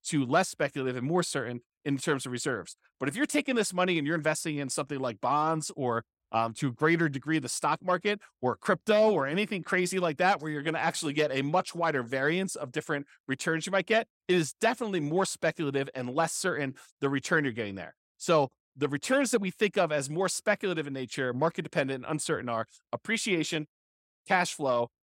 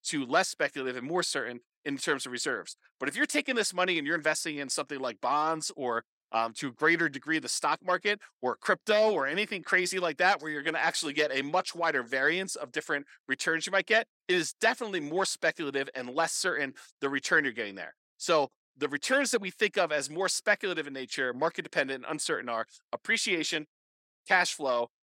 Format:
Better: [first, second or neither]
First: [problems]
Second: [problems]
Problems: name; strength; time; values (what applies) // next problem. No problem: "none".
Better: first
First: none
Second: thin; very slightly; fading below 300 Hz